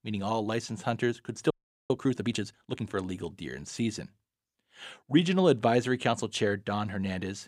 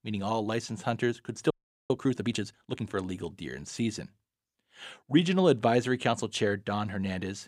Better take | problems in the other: neither | audio freezing; at 1.5 s; the same in both

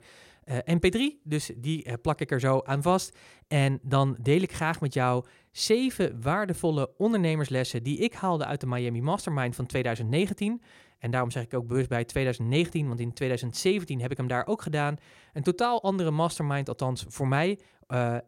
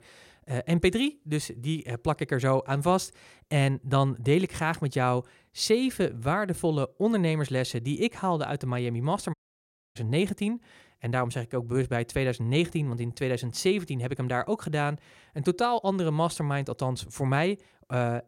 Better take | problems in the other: first | audio cutting out; at 9.5 s for 0.5 s

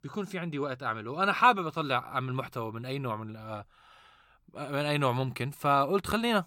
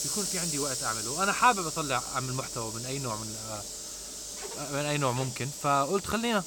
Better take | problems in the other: first | hiss; loud; throughout; 4 dB below the speech

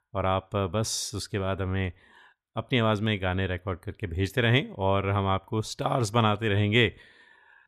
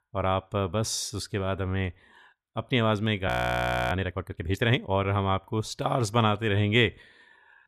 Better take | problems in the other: first | audio freezing; at 3.5 s for 0.5 s

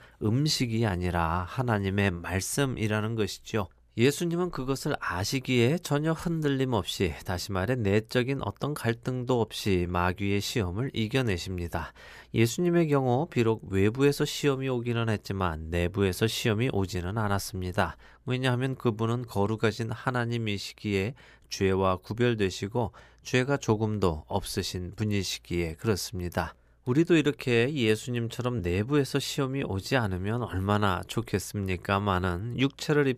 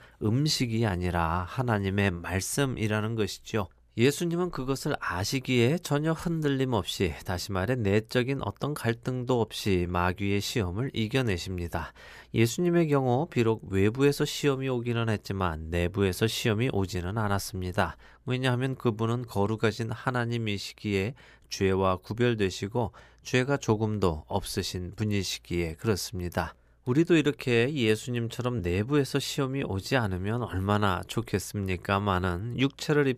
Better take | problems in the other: neither | none

